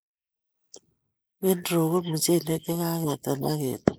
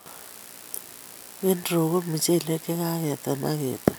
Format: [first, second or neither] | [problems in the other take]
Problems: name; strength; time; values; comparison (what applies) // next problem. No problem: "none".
second | noise reduction (neural mask model Resemble Enhance denoiser)